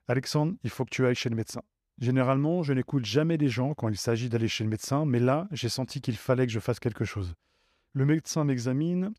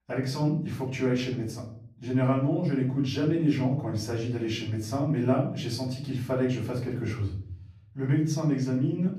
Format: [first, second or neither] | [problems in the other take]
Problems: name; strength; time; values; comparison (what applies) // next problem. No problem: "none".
first | off-mic speech; far // room echo; slight; dies away in 0.7 s